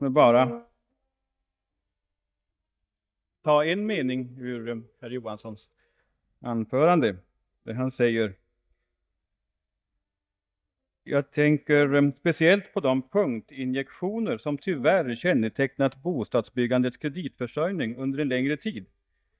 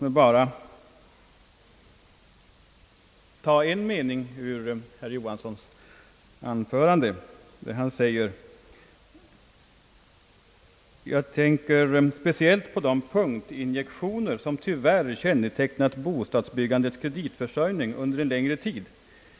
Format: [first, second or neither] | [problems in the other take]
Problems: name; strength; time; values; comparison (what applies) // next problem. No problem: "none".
second | noise reduction (neural mask model DeepFilterNet 3)